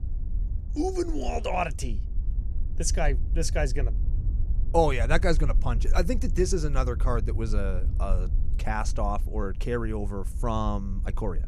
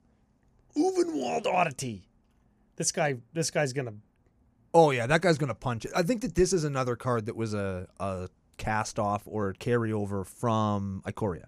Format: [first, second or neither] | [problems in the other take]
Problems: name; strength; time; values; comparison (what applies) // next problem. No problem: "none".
second | wind noise on the microphone; occasional gusts; 20 dB below the speech